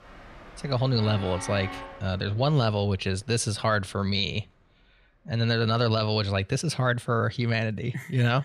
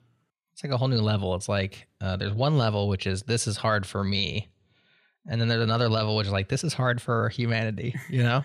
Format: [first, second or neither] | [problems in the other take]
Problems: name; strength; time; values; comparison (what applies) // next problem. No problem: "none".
second | train or aircraft noise; noticeable; throughout; 15 dB below the speech